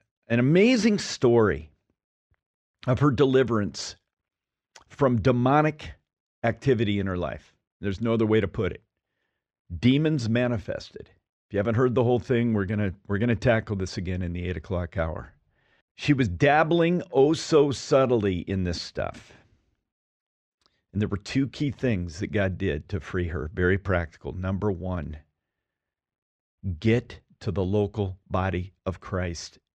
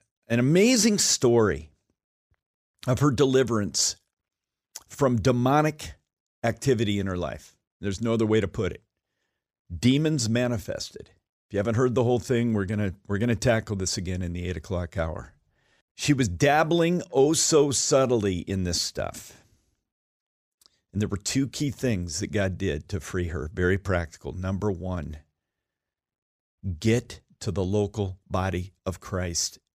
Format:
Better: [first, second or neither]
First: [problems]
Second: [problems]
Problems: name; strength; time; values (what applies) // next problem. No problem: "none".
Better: second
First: muffled; slightly; fading above 2.5 kHz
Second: none